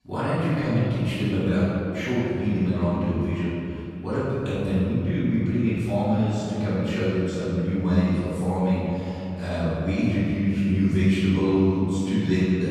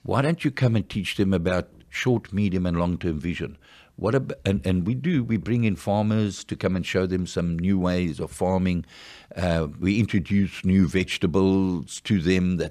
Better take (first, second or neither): second